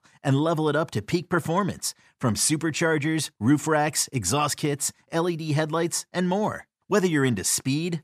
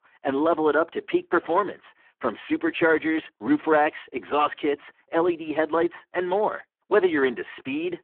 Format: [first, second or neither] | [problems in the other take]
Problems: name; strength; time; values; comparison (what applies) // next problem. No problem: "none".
first | phone-call audio; poor line